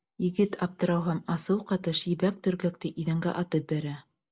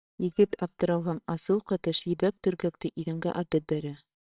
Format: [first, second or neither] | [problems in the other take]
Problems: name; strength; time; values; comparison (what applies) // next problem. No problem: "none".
first | noise reduction (neural separator model SepFormer WHAMR!)